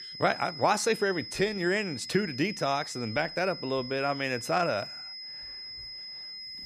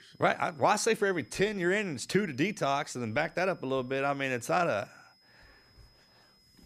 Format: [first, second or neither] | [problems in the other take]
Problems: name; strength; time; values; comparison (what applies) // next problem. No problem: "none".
second | high-pitched whine; loud; throughout; 5 kHz, 10 dB below the speech; faint in the second